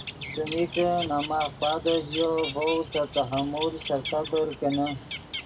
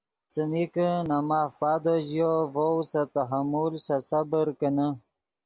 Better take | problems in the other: second | background sound (Bird); 9 dB below the speech // room echo; dies away in 0.2 s

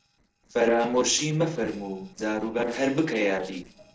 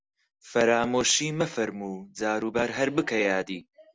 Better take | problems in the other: second | noise reduction (neural separator model SepFormer DNS4)

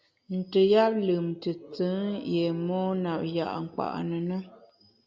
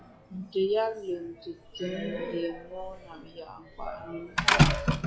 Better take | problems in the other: first | noise reduction (classical method log-MMSE)

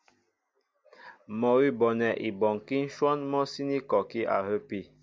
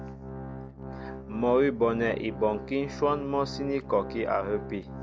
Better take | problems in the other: first | background sound (Organ); 10 dB below the speech

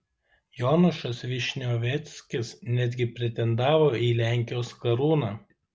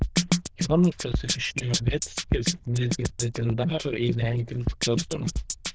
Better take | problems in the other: first | noise reduction (neural diffusion model UNIVERSE++)

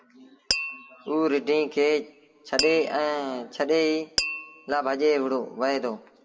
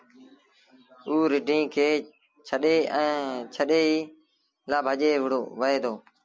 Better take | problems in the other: second | background sound (Tap); 8 dB below the speech // room echo; dies away in 1.6 s

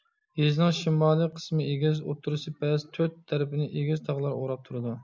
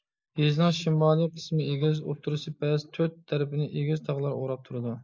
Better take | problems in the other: first | noise reduction (neural mask model Resemble Enhance denoiser)

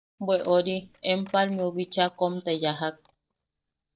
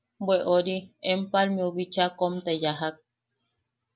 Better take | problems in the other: second | noise reduction (neural mask model DeepFilterNet 3)

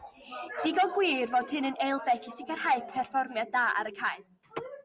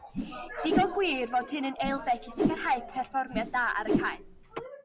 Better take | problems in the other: first | background sound (Whoosh, swoosh, swish); 2 dB below the speech

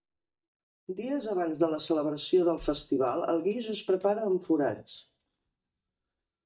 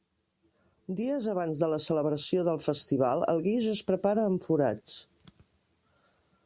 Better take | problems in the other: second | noise reduction (neural mask model DeepFilterNet 3)

